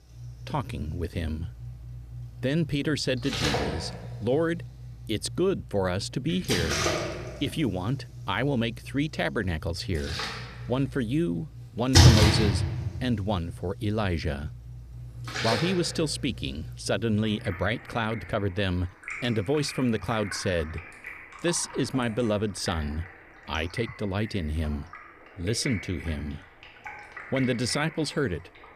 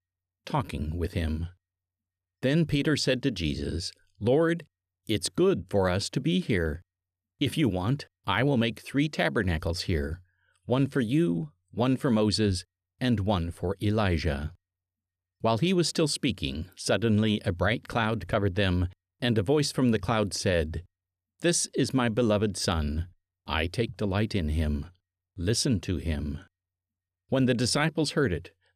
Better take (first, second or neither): second